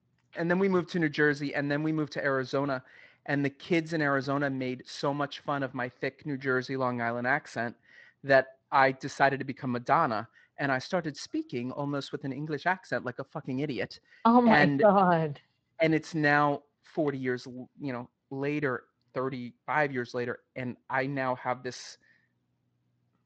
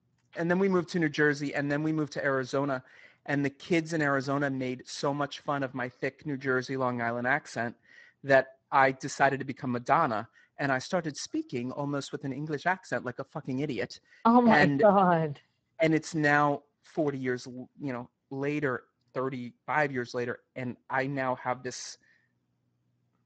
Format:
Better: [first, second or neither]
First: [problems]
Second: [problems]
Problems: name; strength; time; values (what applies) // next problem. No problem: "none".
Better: first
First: garbled, watery; slightly; nothing above 7.5 kHz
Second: garbled, watery; badly; nothing above 8 kHz